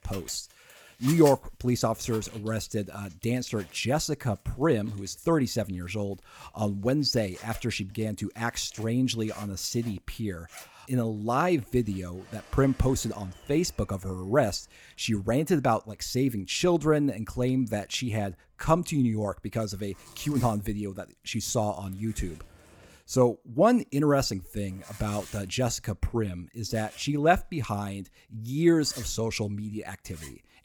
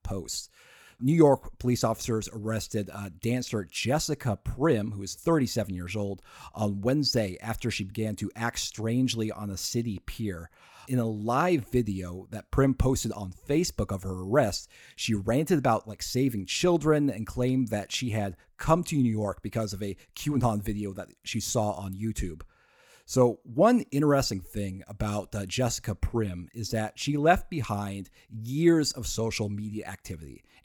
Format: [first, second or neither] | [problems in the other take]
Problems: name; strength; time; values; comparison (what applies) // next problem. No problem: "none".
second | household noises; noticeable; throughout; 20 dB below the speech